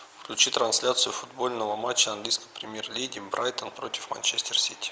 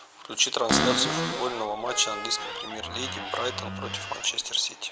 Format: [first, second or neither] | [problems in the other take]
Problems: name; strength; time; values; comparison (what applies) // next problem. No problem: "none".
first | background sound (Cupboard open or close); 2 dB below the speech